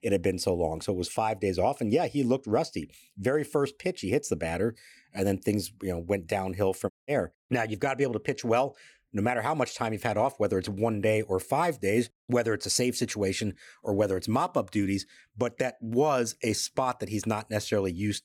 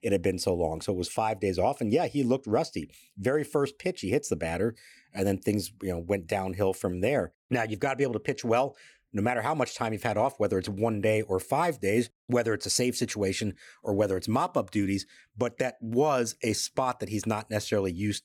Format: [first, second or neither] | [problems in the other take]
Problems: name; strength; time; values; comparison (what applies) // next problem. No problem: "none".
second | audio cutting out; at 7 s